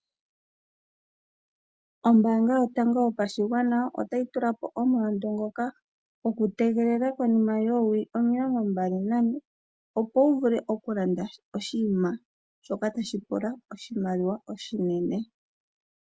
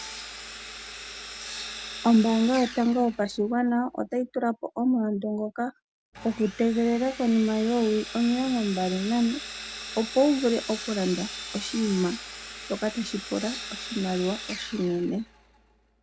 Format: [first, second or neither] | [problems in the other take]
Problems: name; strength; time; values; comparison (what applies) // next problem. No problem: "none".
first | background sound (Sawing); 13 dB below the speech